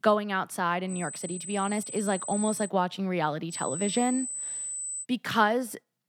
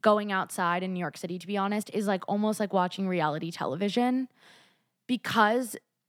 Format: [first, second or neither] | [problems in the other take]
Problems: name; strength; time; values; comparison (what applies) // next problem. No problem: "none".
second | high-pitched whine; loud; from 1 to 2.5 s and from 3.5 to 5 s; 8 kHz, 5 dB below the speech